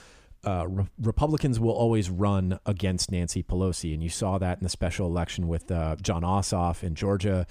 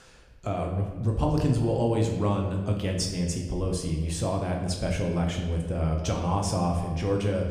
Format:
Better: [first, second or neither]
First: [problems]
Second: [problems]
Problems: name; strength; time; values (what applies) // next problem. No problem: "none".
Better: first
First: none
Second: room echo; noticeable; dies away in 1 s // off-mic speech; somewhat distant